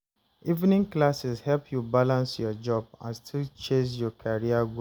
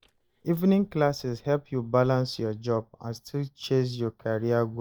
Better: first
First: none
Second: noise reduction (neural mask model DeepFilterNet 3)

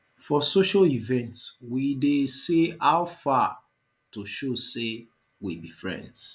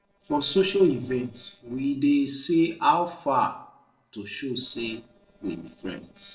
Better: first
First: none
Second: noise reduction (neural separator model SepFormer DNS4)

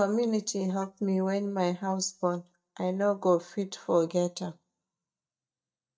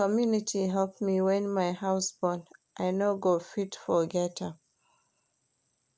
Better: second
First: noise reduction (neural mask model DeepFilterNet 3)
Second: none

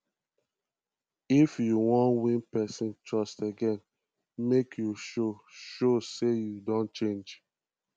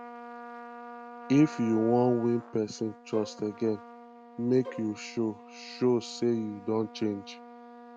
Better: first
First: none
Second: background sound (Trumpet + Bowed string instrument); 15 dB below the speech

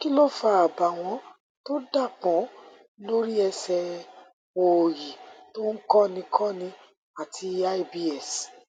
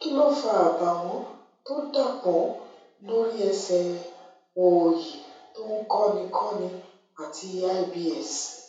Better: first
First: none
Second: room echo; dies away in 0.7 s

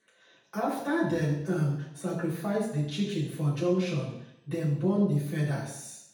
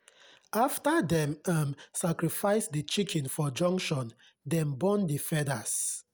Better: second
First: room echo; dies away in 0.8 s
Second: none

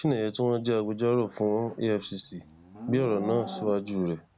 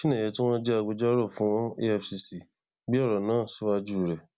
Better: second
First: background sound (Livestock, farm animals, working animals); 15 dB below the speech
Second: none

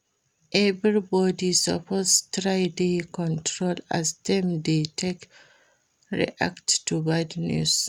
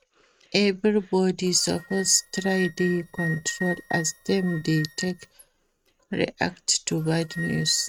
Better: first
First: none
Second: noise reduction (neural mask model RNNoise)

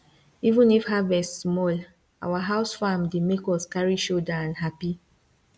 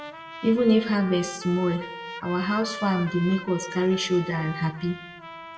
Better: first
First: none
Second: background sound (Trumpet); 13 dB below the speech // room echo; dies away in 0.6 s

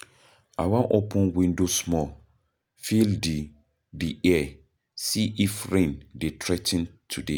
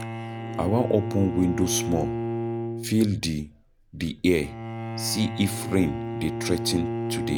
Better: first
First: none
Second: background sound (Bowed string instrument); 5 dB below the speech

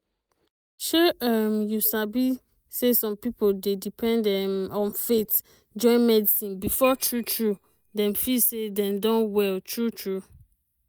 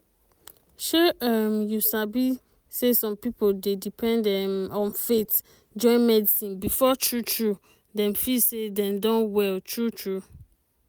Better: second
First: noise reduction (neural mask model DeepFilterNet 3)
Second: none

